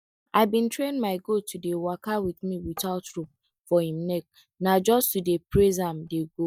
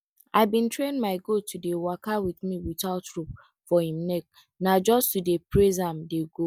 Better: second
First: noise reduction (neural mask model DeepFilterNet 3)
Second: none

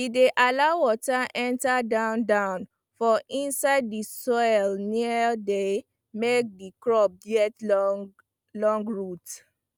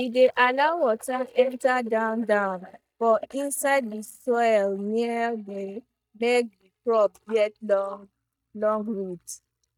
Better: first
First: none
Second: noise reduction (neural mask model DeepFilterNet 3)

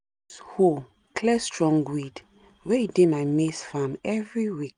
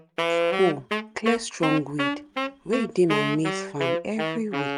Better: first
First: none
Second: background sound (Wind instrument, woodwind instrument); 1 dB below the speech

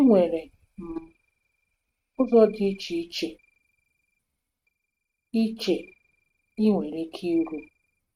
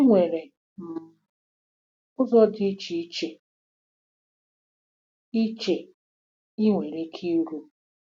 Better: second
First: noise reduction (neural mask model RNNoise)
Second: none

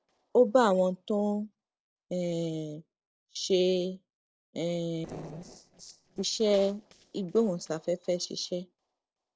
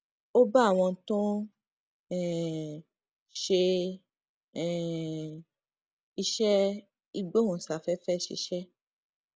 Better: second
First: noise reduction (neural separator model SepFormer DNS4)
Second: none

